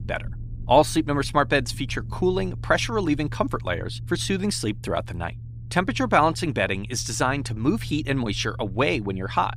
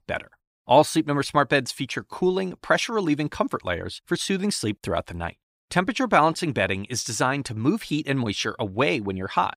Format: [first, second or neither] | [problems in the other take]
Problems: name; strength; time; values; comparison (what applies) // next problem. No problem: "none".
second | low rumble; faint; throughout; 25 dB below the speech